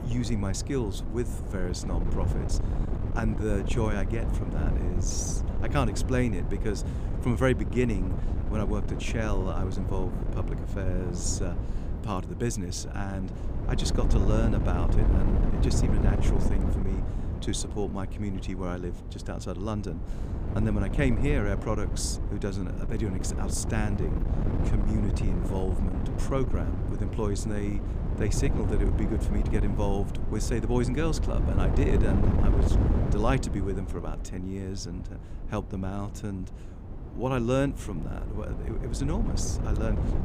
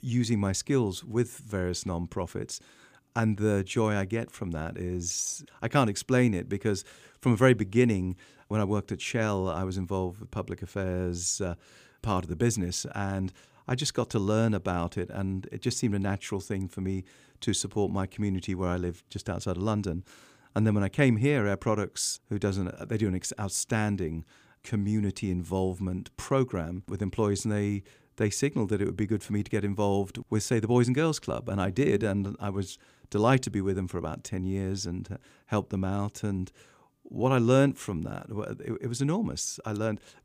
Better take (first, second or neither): second